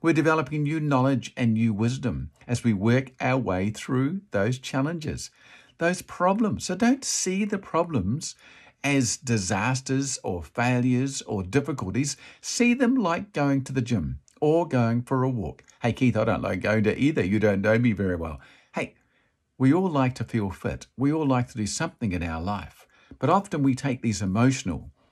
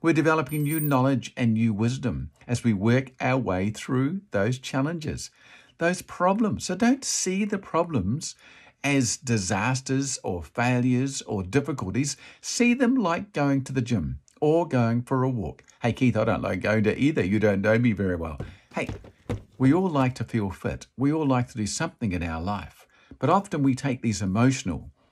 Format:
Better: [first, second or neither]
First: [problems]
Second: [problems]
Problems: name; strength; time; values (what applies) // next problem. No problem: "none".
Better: first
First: none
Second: jangling keys; noticeable; at 0.5 s; peak 7 dB below the speech // footsteps; faint; from 18 to 20 s; peak 10 dB below the speech